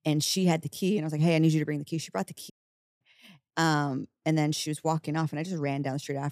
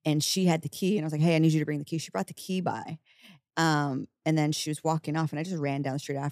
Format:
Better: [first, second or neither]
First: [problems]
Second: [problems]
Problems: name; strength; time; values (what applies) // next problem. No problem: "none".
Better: second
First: audio cutting out; at 2.5 s for 0.5 s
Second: none